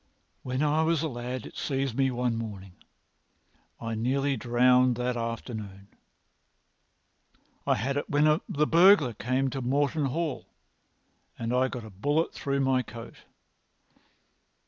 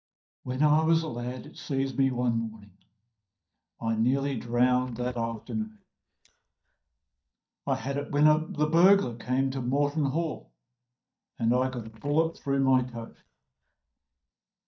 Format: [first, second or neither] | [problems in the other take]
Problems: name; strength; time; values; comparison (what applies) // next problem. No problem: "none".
first | noise reduction (neural mask model DeepFilterNet 3)